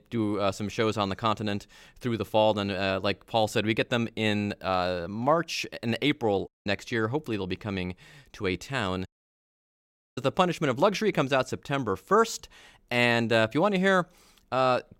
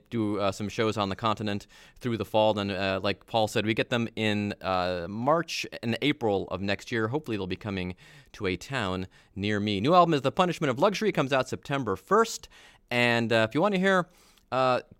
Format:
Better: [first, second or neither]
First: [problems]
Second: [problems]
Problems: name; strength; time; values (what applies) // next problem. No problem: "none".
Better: second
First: audio cutting out; at 6.5 s and at 9 s for 1 s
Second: none